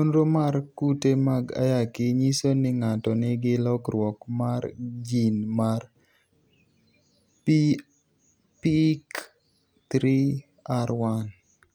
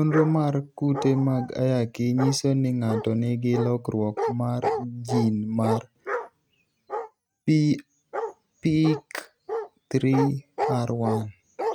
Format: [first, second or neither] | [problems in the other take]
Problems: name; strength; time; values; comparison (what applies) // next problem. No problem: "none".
first | noise reduction (neural mask model RNNoise)